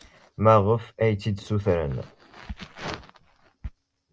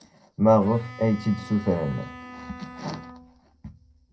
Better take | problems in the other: first | background sound (Bowed string instrument); 18 dB below the speech // room echo; dies away in 0.2 s

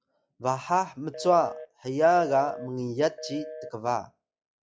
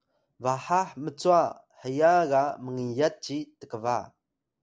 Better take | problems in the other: second | noise reduction (classical method log-MMSE)

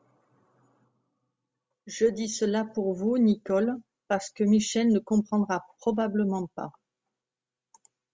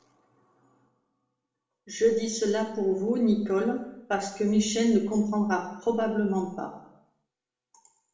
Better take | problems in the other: first | room echo; dies away in 0.7 s

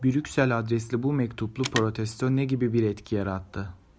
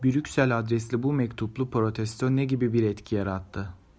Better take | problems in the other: second | background sound (Telephone); 14 dB below the speech

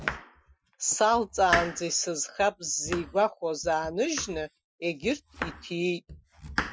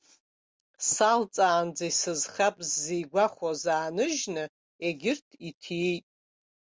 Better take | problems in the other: second | noise reduction (classical method Wiener filter)

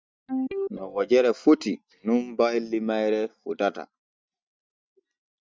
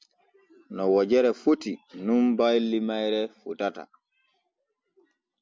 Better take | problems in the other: second | noise reduction (neural mask model DeepFilterNet 3)

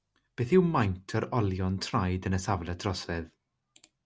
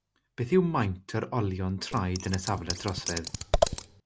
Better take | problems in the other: first | background sound (Scissors); 1 dB below the speech

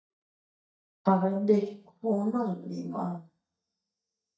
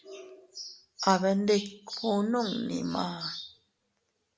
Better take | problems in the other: second | noise reduction (neural mask model DeepFilterNet 3)

